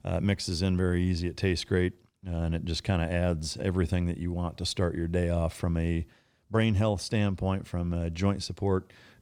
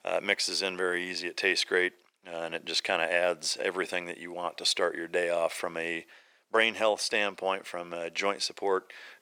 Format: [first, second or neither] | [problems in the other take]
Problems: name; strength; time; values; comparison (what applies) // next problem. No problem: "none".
first | thin; very; fading below 450 Hz